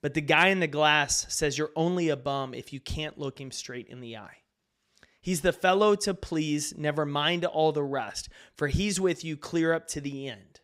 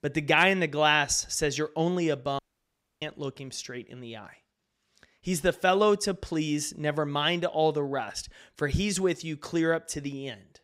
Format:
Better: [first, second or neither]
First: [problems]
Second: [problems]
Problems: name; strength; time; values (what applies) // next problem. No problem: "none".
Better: first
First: none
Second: audio cutting out; at 2.5 s for 0.5 s